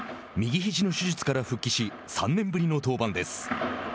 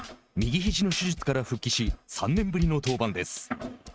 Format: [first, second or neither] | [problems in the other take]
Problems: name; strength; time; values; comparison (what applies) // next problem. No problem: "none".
first | noise reduction (neural mask model RNNoise)